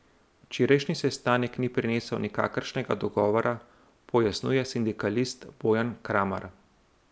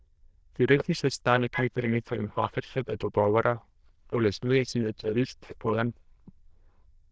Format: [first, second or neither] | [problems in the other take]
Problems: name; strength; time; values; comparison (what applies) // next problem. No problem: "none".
first | noise reduction (neural diffusion model UNIVERSE++)